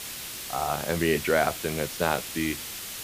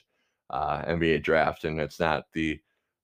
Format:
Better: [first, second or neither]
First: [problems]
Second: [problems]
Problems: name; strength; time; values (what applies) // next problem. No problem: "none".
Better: second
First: hiss; loud; throughout; 7 dB below the speech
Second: none